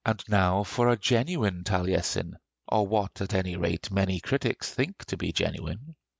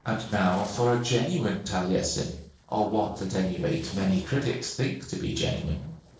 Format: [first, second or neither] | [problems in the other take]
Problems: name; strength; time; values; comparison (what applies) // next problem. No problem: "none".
first | noise reduction (neural separator model SepFormer DNS4)